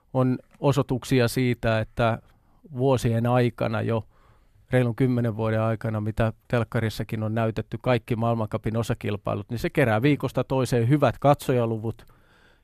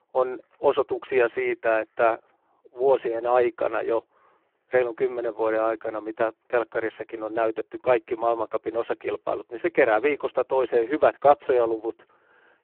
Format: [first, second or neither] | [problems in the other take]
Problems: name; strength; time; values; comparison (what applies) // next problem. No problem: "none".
first | phone-call audio; poor line